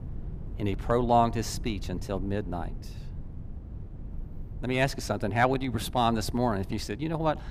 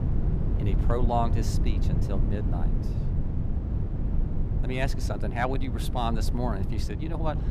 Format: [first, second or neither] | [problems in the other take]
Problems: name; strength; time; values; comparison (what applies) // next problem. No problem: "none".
first | low rumble; loud; throughout; 8 dB below the speech; faint in the first